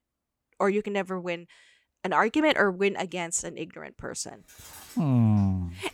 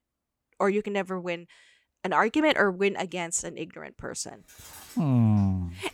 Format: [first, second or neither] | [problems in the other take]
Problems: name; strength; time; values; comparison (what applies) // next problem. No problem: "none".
neither | household noises; very faint; from 4.5 s on; 25 dB below the speech; the same in both